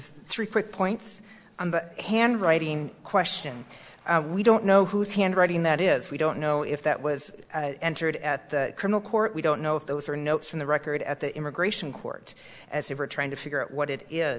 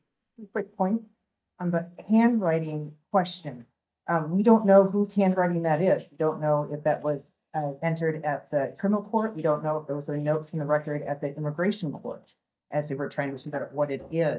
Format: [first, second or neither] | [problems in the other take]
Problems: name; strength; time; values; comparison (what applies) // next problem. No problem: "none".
first | noise reduction (neural mask model DeepFilterNet 3)